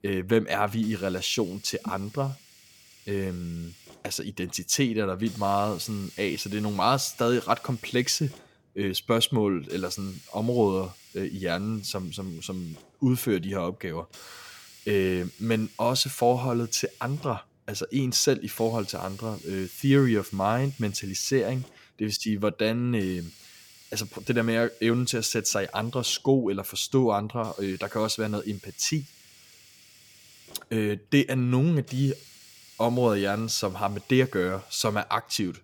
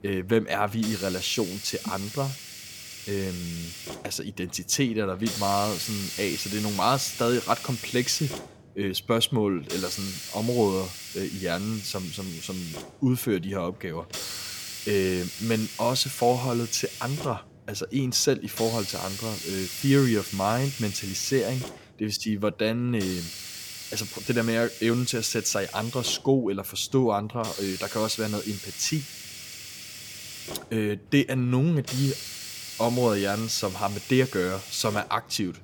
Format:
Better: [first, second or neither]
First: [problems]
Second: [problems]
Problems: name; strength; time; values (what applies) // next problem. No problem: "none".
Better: first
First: hiss; faint; throughout; 20 dB below the speech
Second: hiss; loud; throughout; 9 dB below the speech